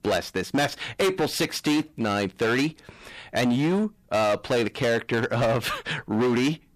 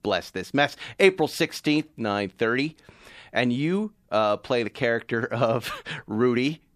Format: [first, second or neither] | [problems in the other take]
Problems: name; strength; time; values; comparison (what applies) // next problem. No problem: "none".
second | distortion; heavy; 16% of the sound clipped